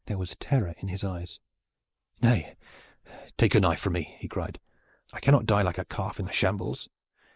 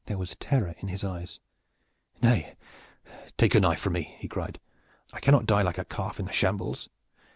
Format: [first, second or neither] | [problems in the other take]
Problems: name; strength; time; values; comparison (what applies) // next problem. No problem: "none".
second | noise reduction (neural mask model Resemble Enhance denoiser)